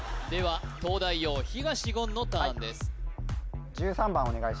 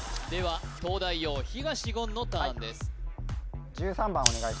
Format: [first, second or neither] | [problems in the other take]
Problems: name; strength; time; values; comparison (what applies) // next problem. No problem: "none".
first | background sound (Scissors); 8 dB below the speech